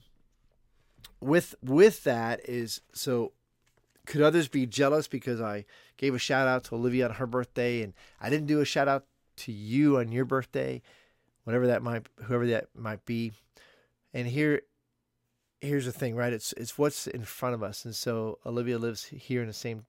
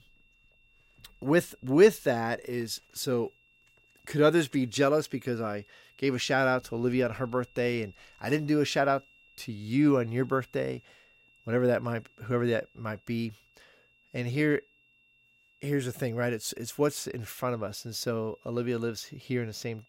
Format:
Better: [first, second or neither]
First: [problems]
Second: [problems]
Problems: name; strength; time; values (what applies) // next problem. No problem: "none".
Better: first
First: none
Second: high-pitched whine; faint; throughout; 2.5 kHz, 30 dB below the speech